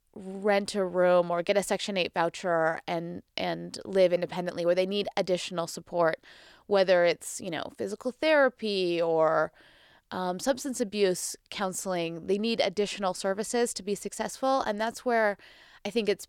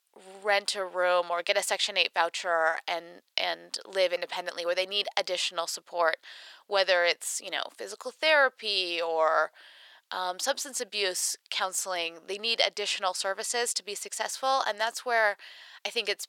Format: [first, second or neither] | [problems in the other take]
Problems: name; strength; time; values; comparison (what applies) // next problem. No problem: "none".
first | thin; very; fading below 800 Hz